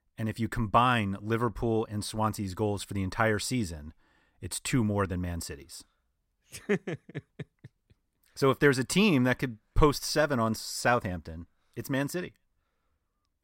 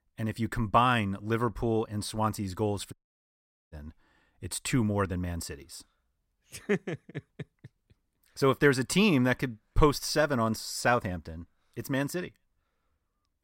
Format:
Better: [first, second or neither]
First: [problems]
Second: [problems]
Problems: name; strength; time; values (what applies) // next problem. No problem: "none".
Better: first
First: none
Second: audio cutting out; at 3 s for 1 s